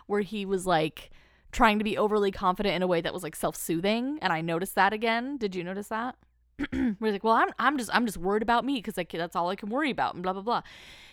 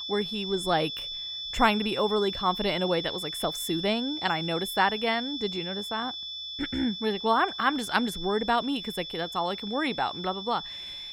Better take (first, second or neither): first